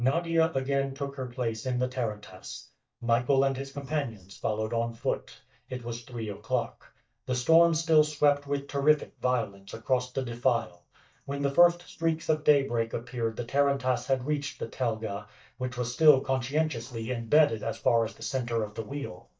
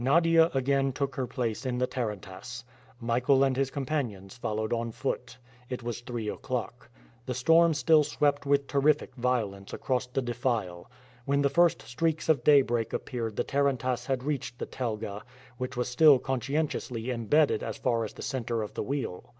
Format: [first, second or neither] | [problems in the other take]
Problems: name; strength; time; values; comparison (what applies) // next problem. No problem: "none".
second | noise reduction (neural mask model DeepFilterNet 3)